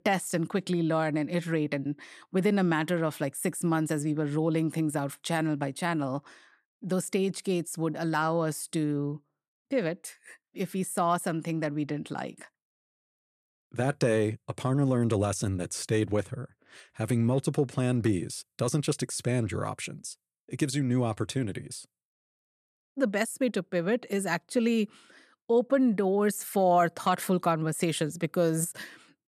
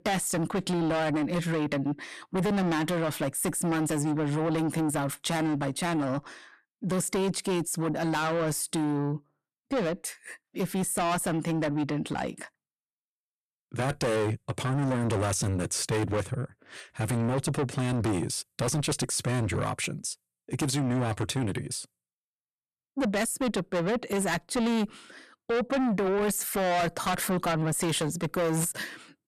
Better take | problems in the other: first | distortion; heavy; 6 dB below the speech

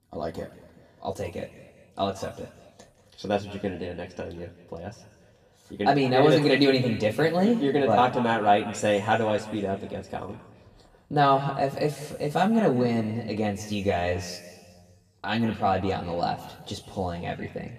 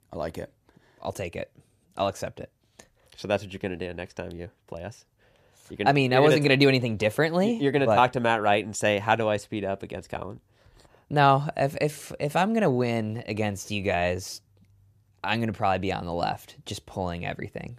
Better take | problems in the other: second | room echo; noticeable; dies away in 1.5 s // off-mic speech; far

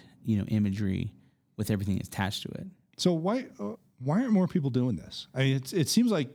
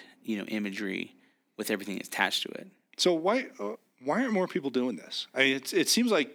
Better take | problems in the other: first | thin; somewhat; fading below 250 Hz

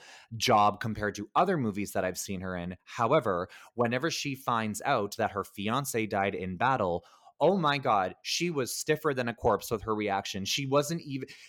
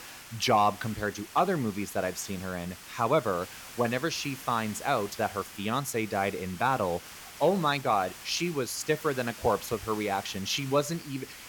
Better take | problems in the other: first | hiss; noticeable; throughout; 15 dB below the speech

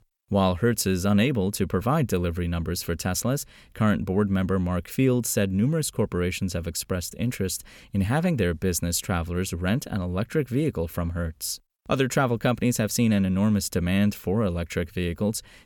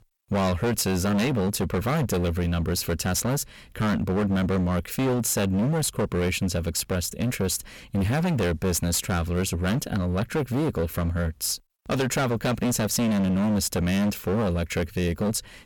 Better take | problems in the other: first | distortion; heavy; 24% of the sound clipped

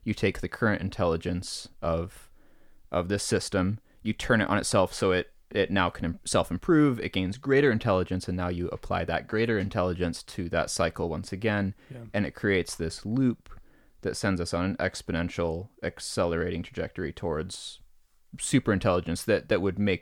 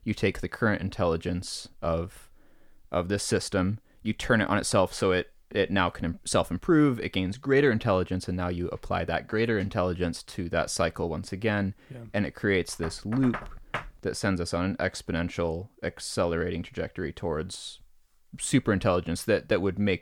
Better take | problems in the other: first | door banging; noticeable; from 13 to 14 s; peak 8 dB below the speech

